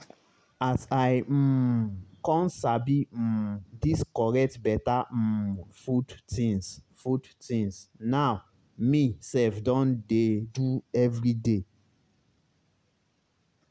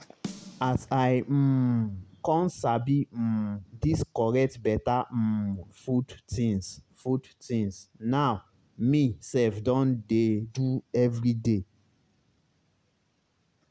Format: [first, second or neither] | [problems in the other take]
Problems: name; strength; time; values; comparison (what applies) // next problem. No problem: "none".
first | background sound (Snare drum); 18 dB below the speech